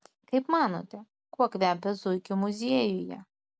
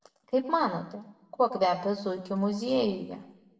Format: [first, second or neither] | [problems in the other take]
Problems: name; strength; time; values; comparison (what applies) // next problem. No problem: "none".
first | room echo; dies away in 0.6 s